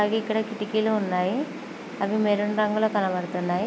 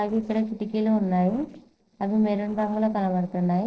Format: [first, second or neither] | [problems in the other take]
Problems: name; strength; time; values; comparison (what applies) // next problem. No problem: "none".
first | noise reduction (neural separator model SepFormer DNS4)